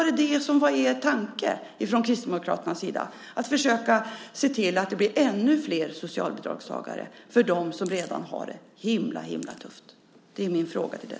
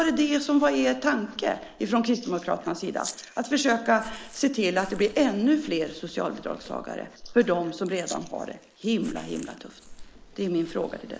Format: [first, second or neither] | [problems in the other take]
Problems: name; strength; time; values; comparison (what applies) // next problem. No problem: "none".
first | noise reduction (neural mask model Resemble Enhance denoiser)